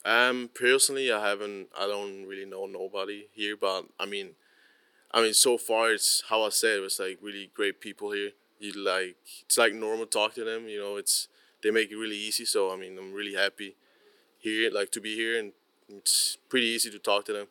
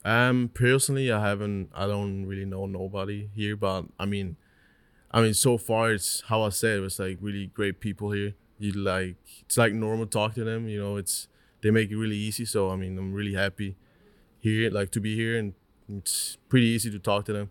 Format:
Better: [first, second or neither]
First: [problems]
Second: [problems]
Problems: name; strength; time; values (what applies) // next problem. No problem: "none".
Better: second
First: thin; very; fading below 350 Hz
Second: none